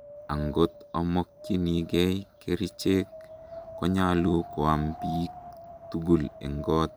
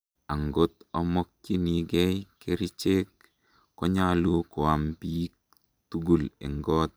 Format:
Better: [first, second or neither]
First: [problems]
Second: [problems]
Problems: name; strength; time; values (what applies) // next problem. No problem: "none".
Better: second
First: background sound (Wind); 15 dB below the speech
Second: none